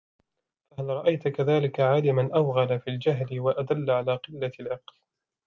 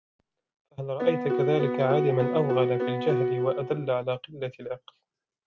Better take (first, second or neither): first